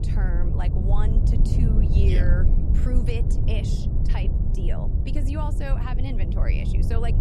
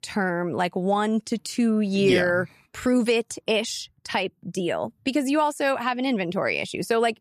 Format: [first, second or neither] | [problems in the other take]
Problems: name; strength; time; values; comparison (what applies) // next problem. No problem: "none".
second | low rumble; loud; throughout; 2 dB below the speech